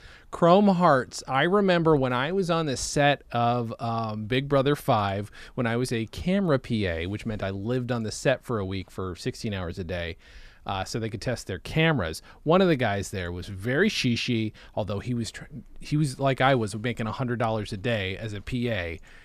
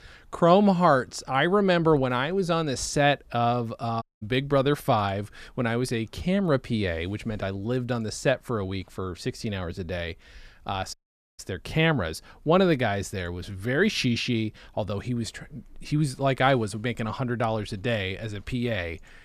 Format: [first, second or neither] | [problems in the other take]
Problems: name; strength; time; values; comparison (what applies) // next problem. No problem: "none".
first | audio cutting out; at 4 s and at 11 s